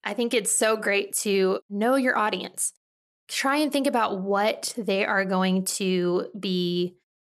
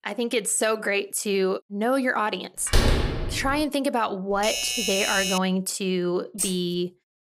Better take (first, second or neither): first